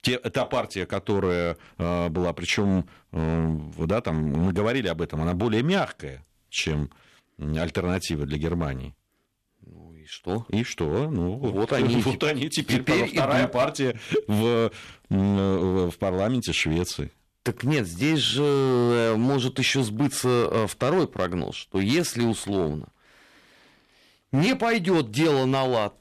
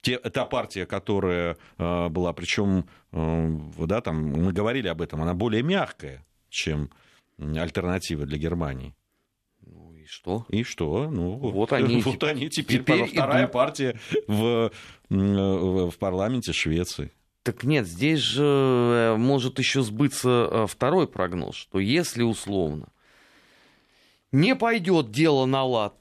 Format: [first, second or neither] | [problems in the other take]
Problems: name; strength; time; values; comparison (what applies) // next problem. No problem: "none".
second | distortion; slight; 6% of the sound clipped